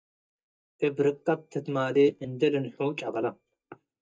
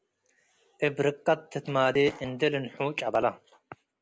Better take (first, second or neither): second